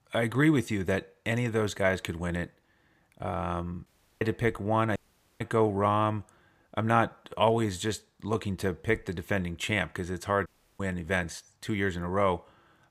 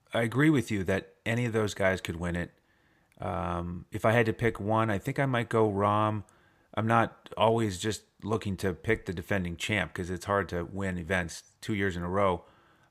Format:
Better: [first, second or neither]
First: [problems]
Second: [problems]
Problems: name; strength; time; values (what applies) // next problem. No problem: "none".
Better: second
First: audio cutting out; at 4 s, at 5 s and at 10 s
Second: none